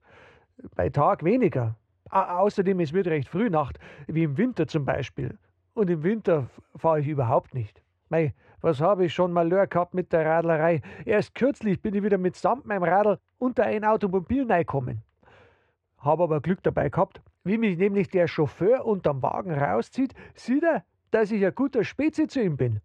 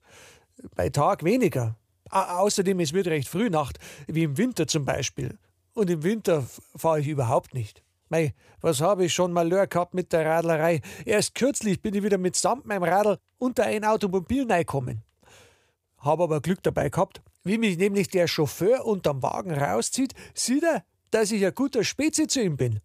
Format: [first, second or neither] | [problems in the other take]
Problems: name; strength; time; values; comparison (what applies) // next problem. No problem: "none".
second | muffled; very; fading above 1.5 kHz